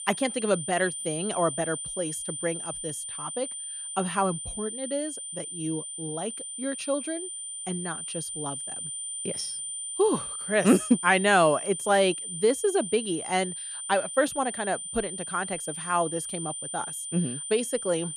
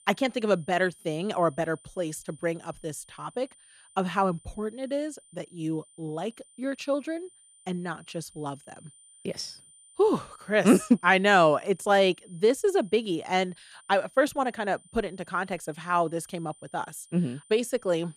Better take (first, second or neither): second